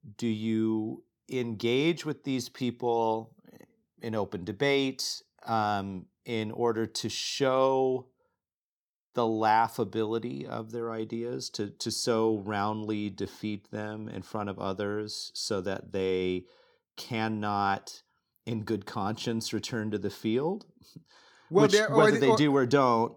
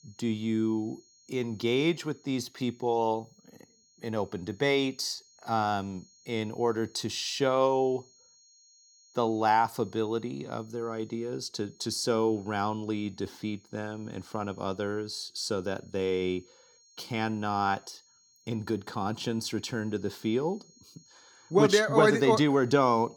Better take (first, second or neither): first